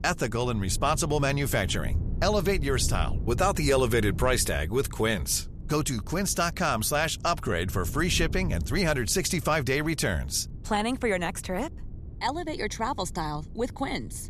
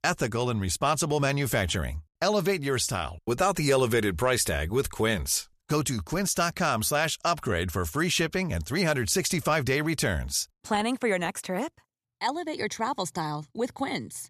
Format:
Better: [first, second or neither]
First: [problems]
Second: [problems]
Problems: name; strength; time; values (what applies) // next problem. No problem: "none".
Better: second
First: wind noise on the microphone; occasional gusts; 20 dB below the speech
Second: none